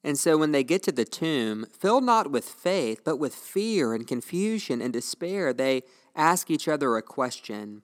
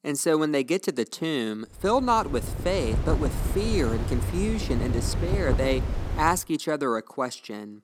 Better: first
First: none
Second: wind noise on the microphone; occasional gusts; from 2 to 6.5 s; 10 dB below the speech

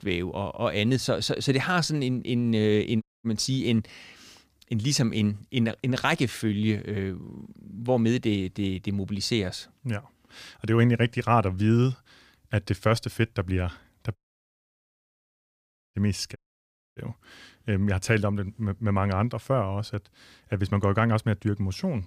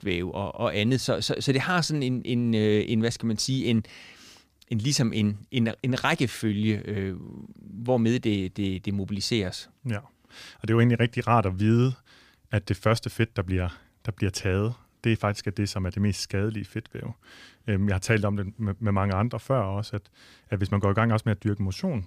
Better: second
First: audio cutting out; at 3 s, at 14 s for 2 s and at 16 s for 0.5 s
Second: none

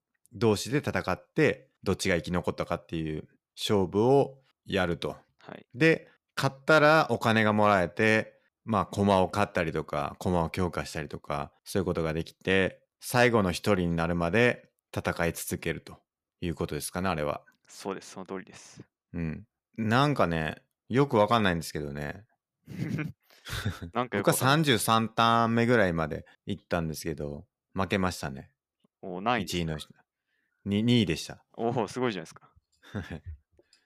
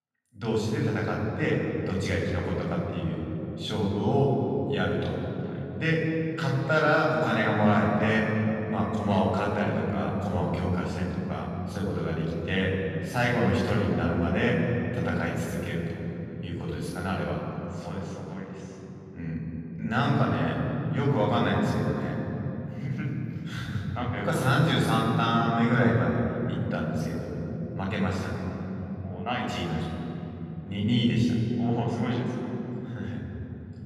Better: first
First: none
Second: room echo; strong; dies away in 3 s // off-mic speech; far

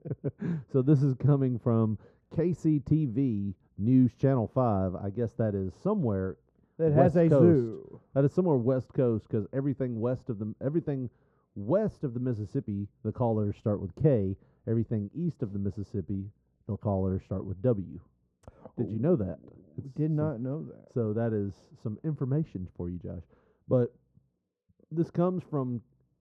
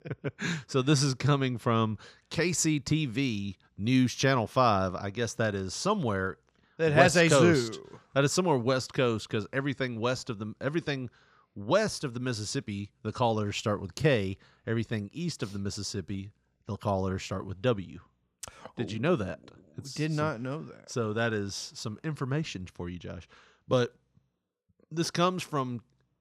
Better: second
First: muffled; very; fading above 1.5 kHz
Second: none

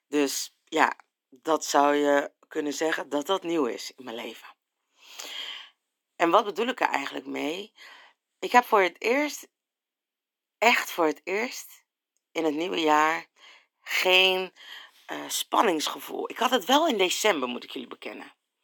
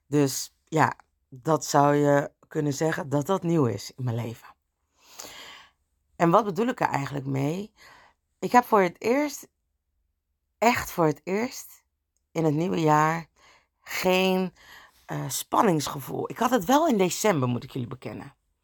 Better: second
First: thin; very slightly; fading below 250 Hz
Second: none

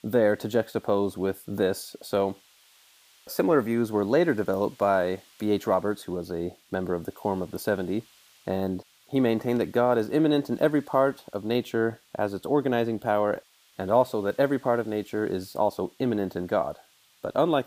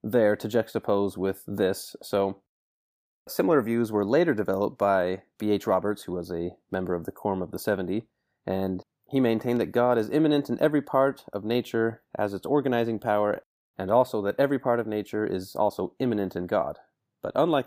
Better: second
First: hiss; faint; throughout; 30 dB below the speech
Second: none

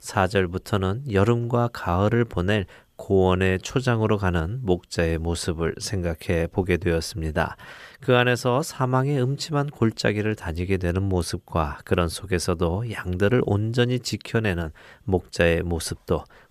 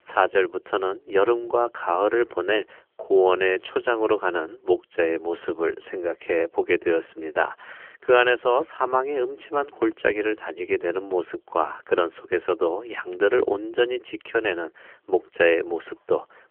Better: first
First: none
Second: phone-call audio; nothing above 3 kHz

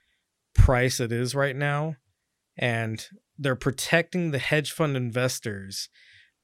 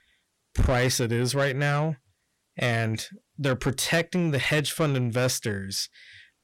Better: first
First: none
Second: distortion; heavy; 7 dB below the speech

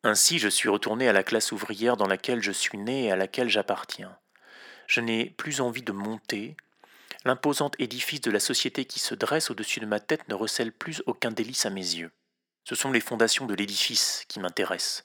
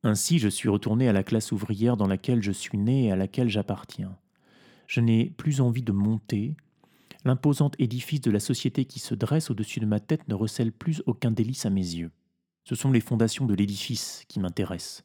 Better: second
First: thin; very; fading below 550 Hz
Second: none

